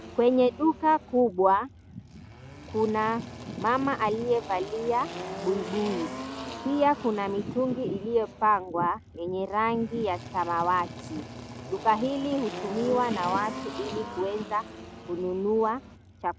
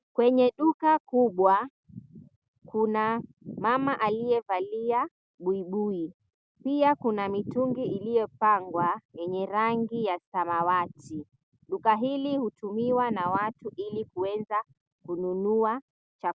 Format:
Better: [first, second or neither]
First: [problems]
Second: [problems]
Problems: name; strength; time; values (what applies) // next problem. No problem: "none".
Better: second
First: background sound (Engine); 12 dB below the speech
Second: none